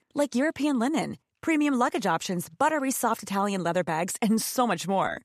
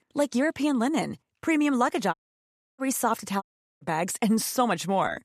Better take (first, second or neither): first